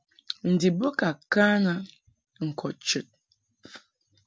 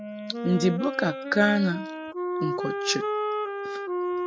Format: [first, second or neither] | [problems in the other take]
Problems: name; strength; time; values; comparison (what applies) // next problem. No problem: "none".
first | noise reduction (classical method spectral subtraction)